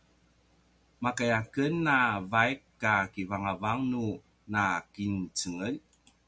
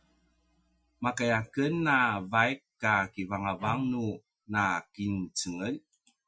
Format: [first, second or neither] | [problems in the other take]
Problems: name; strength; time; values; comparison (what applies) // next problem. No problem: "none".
first | noise reduction (classical method Wiener filter)